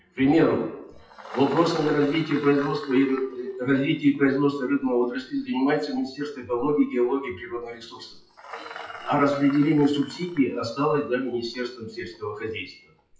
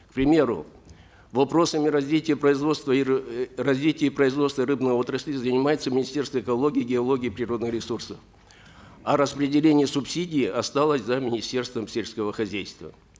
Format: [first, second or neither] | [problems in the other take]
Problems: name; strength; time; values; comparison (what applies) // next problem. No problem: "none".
second | noise reduction (classical method WPE with log-MMSE)